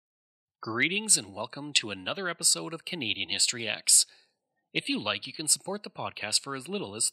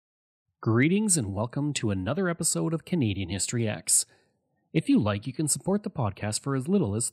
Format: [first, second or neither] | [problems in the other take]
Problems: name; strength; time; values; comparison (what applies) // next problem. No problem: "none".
second | thin; somewhat; fading below 950 Hz